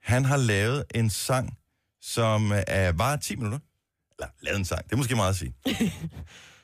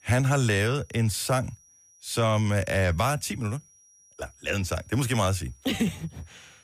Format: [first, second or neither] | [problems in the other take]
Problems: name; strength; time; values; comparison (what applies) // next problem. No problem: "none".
first | high-pitched whine; faint; throughout; 6 kHz, 30 dB below the speech